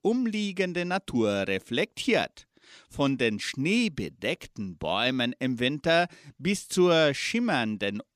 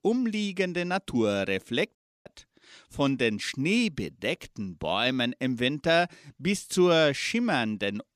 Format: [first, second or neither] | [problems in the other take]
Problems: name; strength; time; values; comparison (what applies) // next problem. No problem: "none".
first | audio cutting out; at 2 s